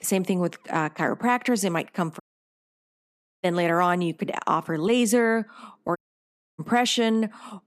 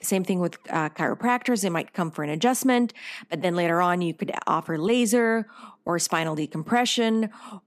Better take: second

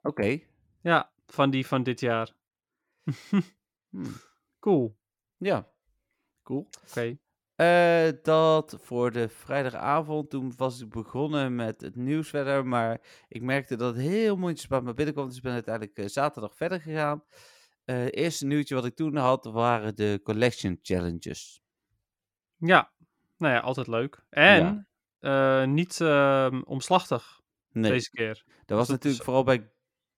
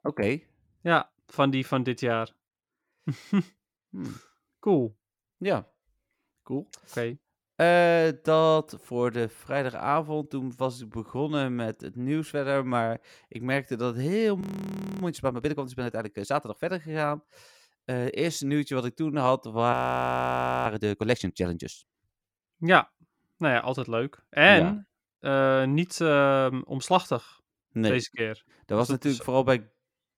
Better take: first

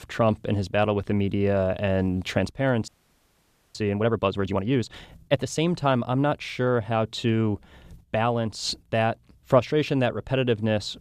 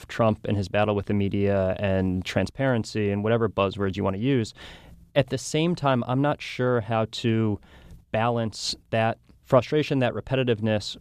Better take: second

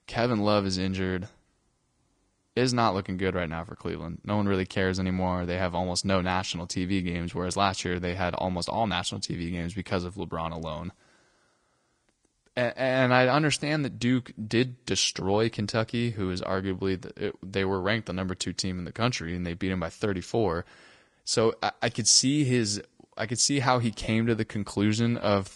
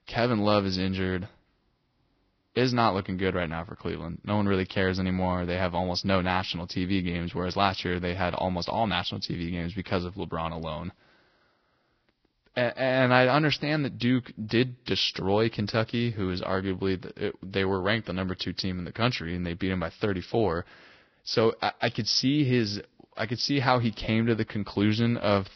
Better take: first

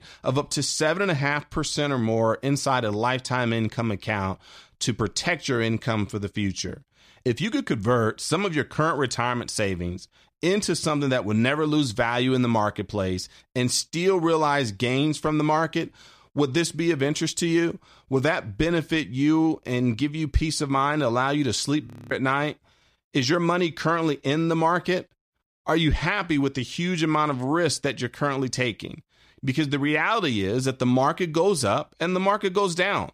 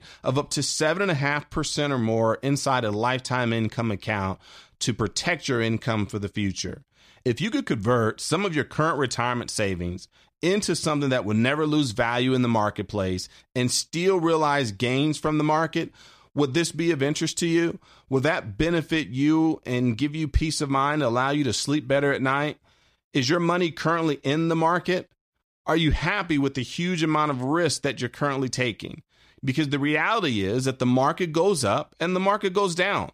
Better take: second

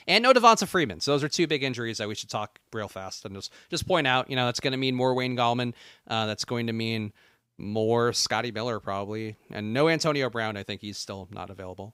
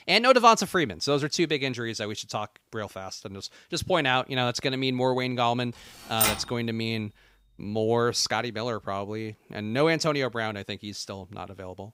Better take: first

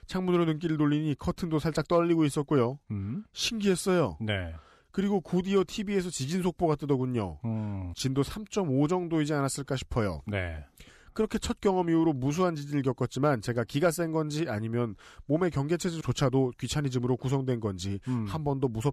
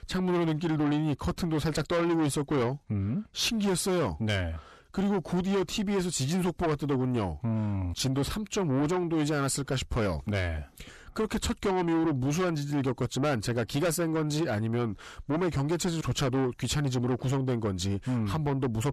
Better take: first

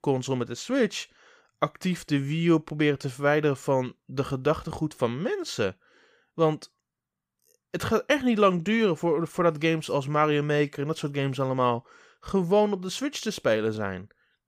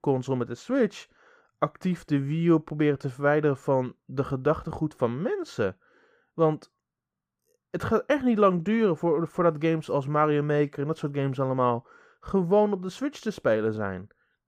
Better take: first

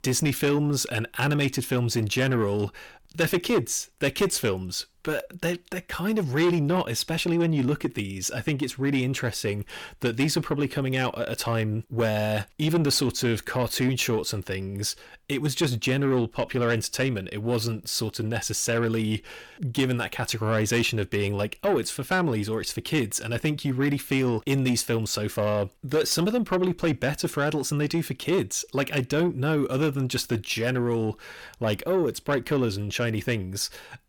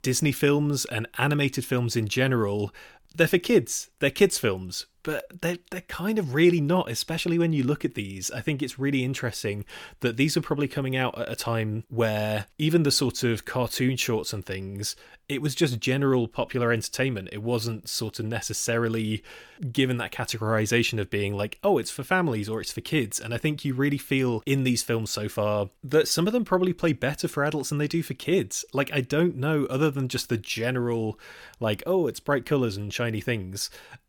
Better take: second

